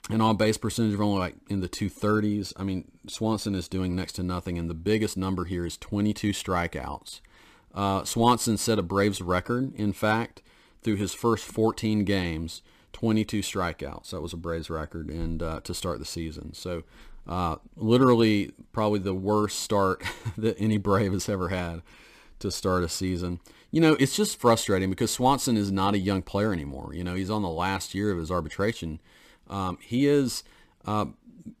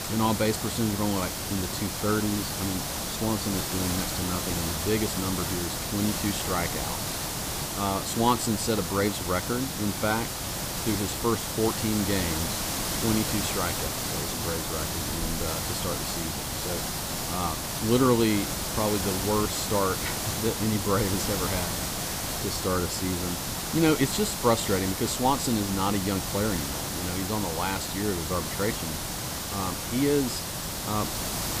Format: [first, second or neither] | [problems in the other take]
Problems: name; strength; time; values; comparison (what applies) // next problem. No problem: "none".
first | hiss; loud; throughout; 1 dB below the speech